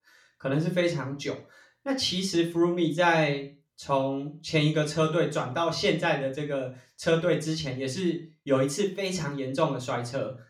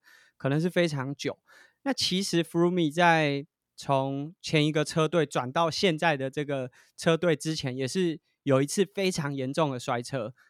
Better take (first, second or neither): second